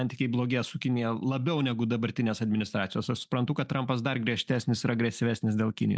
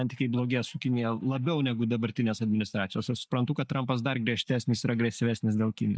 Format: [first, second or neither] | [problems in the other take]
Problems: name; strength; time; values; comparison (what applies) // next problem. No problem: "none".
first | noise reduction (neural mask model DeepFilterNet 3)